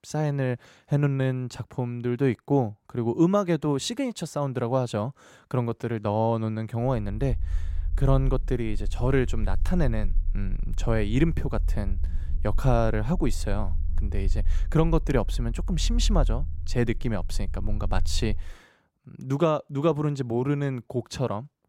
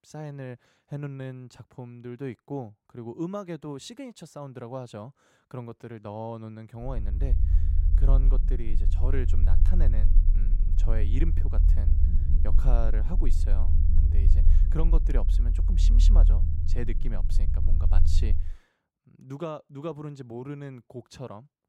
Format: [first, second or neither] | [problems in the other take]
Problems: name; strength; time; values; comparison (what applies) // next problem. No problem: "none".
first | low rumble; loud; from 7 to 18 s; 6 dB below the speech; faint in the first